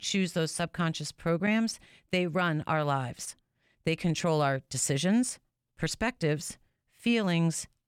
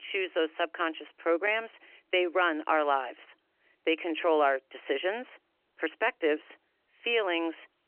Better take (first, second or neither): first